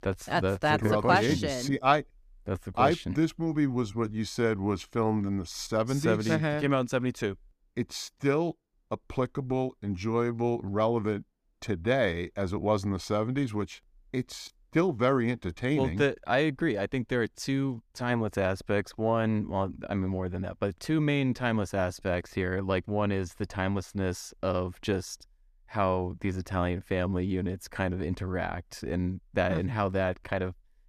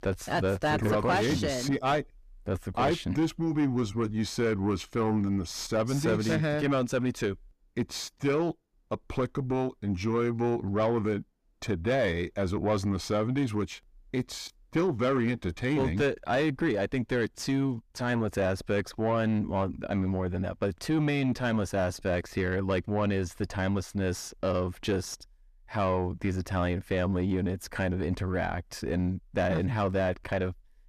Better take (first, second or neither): first